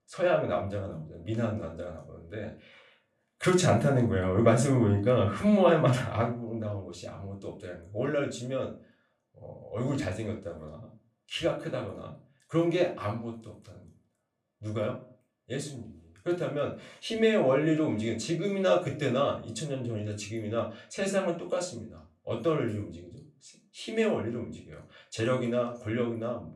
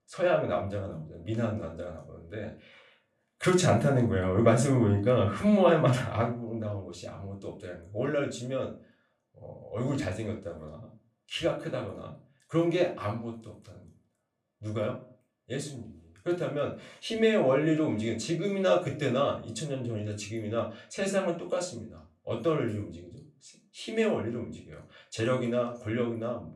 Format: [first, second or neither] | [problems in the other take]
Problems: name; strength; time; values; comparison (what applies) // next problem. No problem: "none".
neither | off-mic speech; somewhat distant; the same in both // room echo; slight; dies away in 0.3 s; the same in both